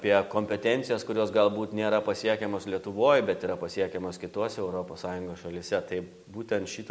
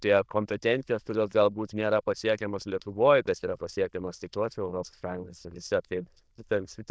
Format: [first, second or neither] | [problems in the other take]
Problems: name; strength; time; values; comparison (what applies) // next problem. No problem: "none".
first | noise reduction (neural diffusion model UNIVERSE++)